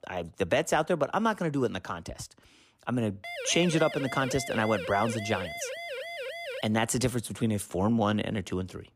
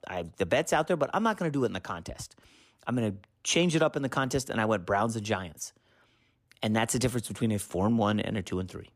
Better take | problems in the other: second | siren; noticeable; from 3 to 6.5 s; peak 7 dB below the speech

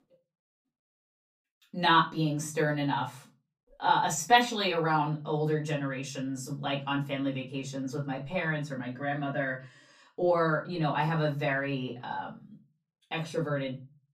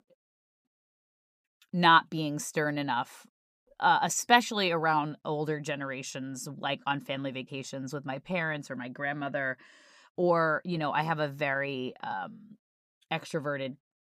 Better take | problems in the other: second | off-mic speech; far // room echo; very slight; dies away in 0.3 s

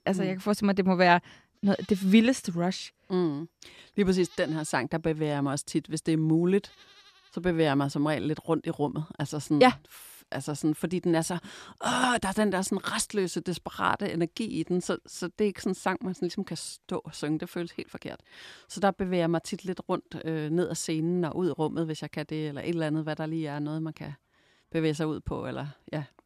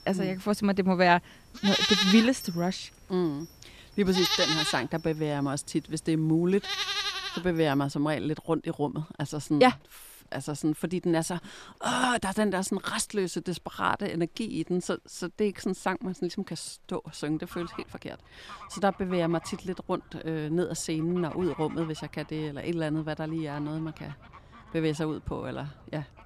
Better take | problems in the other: first | animal sounds; loud; throughout; 1 dB below the speech; faint in the first

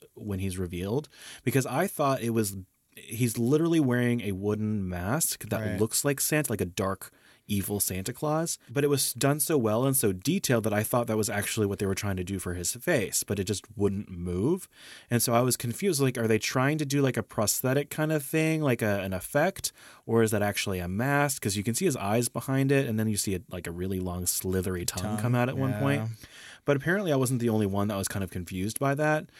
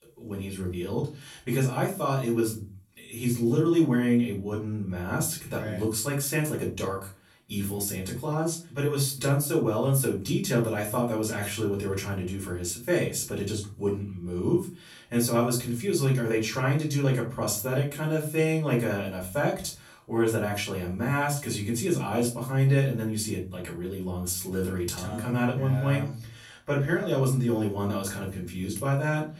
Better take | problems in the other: first | room echo; slight; dies away in 0.3 s // off-mic speech; far

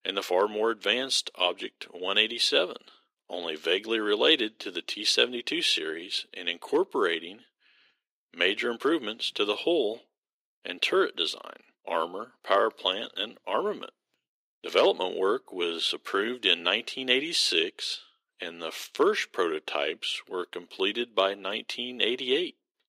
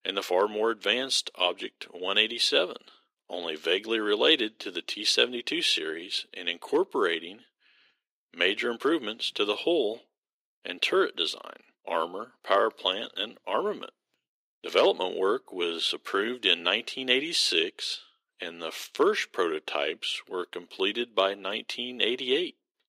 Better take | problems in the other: neither | thin; very; fading below 350 Hz; the same in both

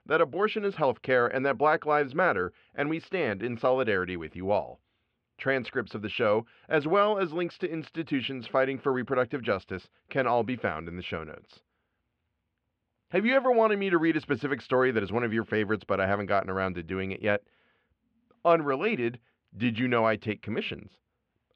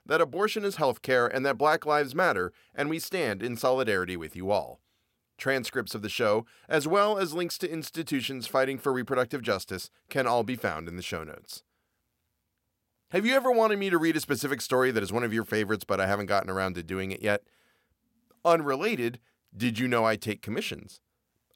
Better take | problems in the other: second | muffled; very; fading above 3 kHz

